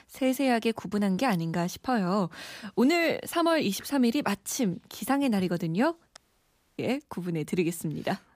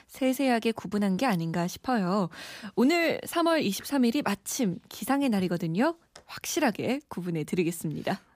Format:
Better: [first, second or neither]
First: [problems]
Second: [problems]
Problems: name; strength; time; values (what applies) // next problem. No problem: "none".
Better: second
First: audio cutting out; at 6 s for 0.5 s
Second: none